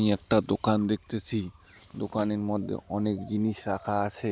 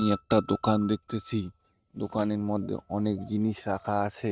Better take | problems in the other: first | noise reduction (neural mask model RNNoise)

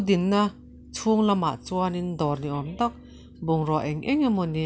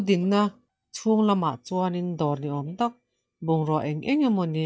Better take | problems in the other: first | noise reduction (neural mask model DeepFilterNet 3)

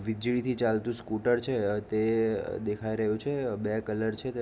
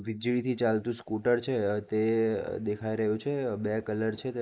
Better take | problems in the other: first | noise reduction (neural mask model Resemble Enhance denoiser)

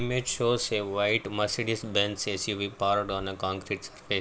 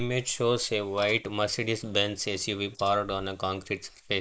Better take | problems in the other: first | noise reduction (neural mask model Resemble Enhance denoiser)

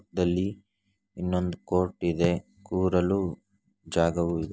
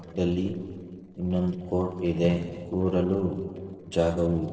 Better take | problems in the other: first | noise reduction (neural separator model SepFormer DNS4)

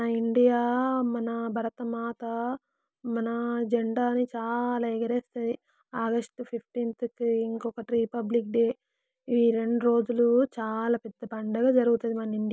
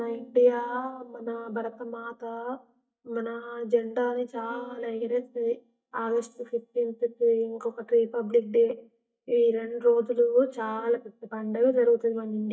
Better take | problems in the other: first | noise reduction (neural mask model DeepFilterNet 3)

